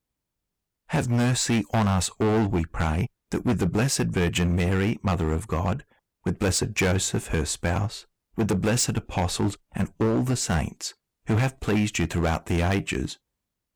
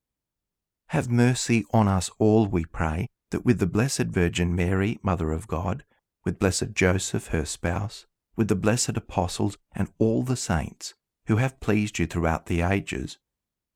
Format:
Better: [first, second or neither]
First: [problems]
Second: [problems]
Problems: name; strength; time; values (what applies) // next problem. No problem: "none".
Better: second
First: distortion; heavy; 11% of the sound clipped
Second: none